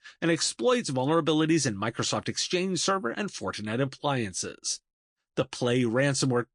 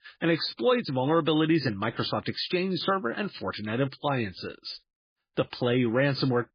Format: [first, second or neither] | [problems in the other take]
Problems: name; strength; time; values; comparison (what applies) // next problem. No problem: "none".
first | garbled, watery; badly; nothing above 4.5 kHz; slightly in the first